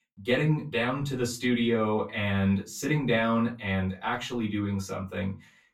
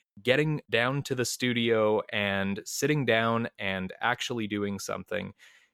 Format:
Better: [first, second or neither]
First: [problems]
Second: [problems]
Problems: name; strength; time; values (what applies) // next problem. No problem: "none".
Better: second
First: off-mic speech; far // room echo; very slight; dies away in 0.2 s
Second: none